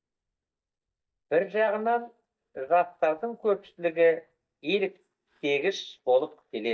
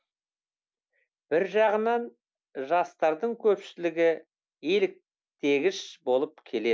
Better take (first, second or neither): second